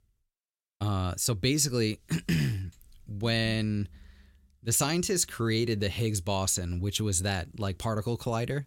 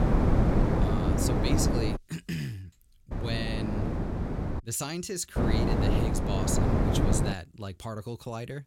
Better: first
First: none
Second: wind noise on the microphone; heavy; until 2 s, from 3 to 4.5 s and from 5.5 to 7.5 s; 4 dB above the speech

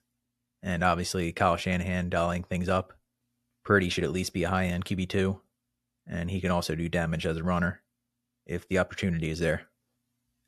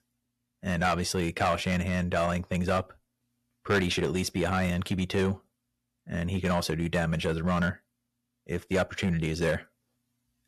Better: first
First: none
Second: distortion; slight; 3% of the sound clipped

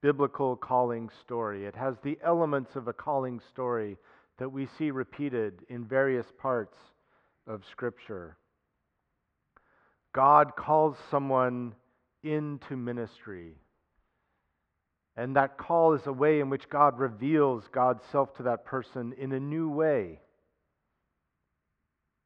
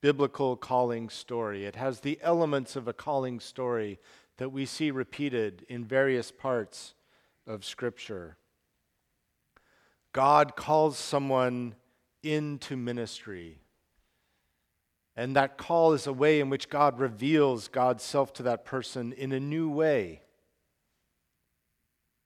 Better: second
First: muffled; very; fading above 1.5 kHz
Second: none

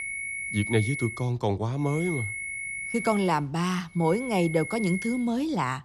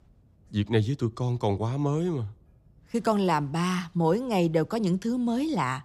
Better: second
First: high-pitched whine; loud; until 1 s, from 2 to 3.5 s and from 4 to 5 s; 2 kHz, 6 dB below the speech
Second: none

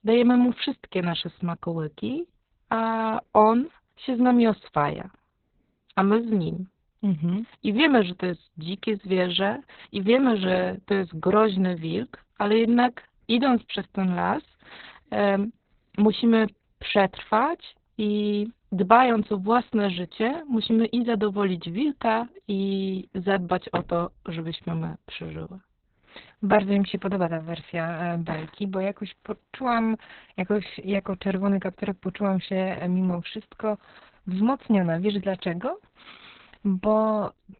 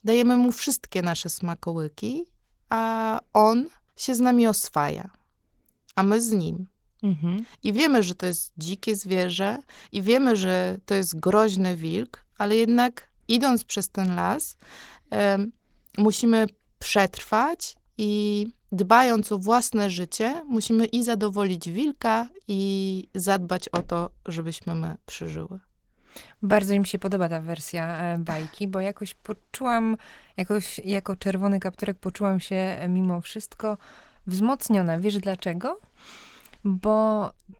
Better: second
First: garbled, watery; badly; nothing above 4 kHz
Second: garbled, watery; slightly; nothing above 18 kHz

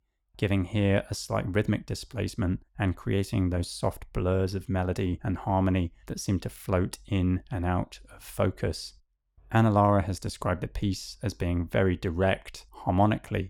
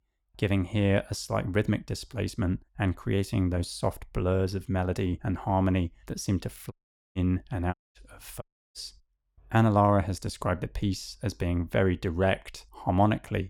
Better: first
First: none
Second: audio cutting out; at 6.5 s, at 7.5 s and at 8.5 s

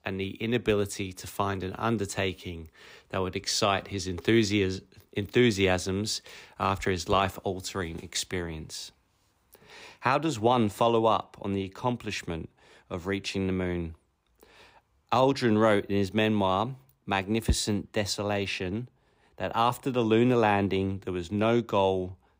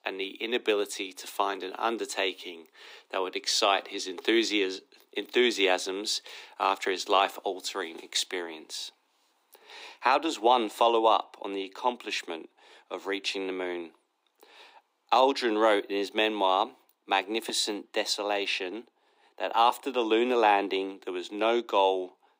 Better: first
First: none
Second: thin; somewhat; fading below 300 Hz

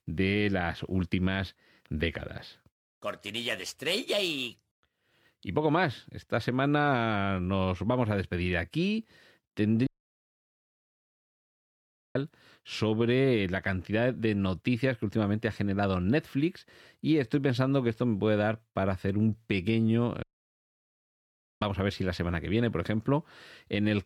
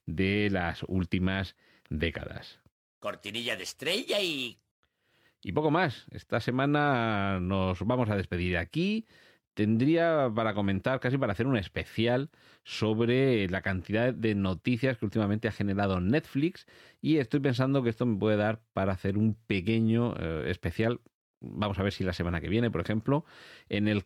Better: second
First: audio cutting out; at 10 s for 2.5 s and at 20 s for 1.5 s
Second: none

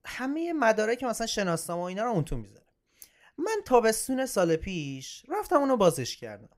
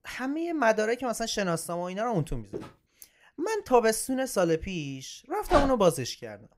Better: first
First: none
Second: footsteps; faint; at 2.5 s; peak 15 dB below the speech // dog barking; noticeable; at 5.5 s; peak 3 dB below the speech

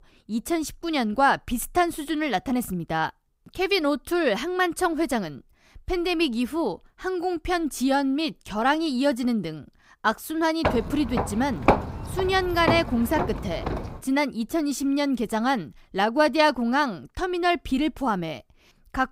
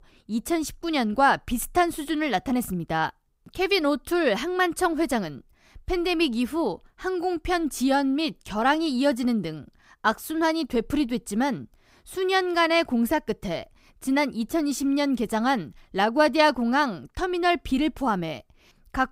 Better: second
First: footsteps; loud; from 11 to 14 s; peak 3 dB above the speech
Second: none

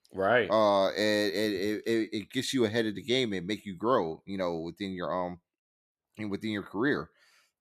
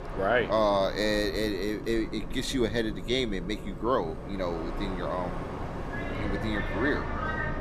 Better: first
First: none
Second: train or aircraft noise; loud; throughout; 7 dB below the speech

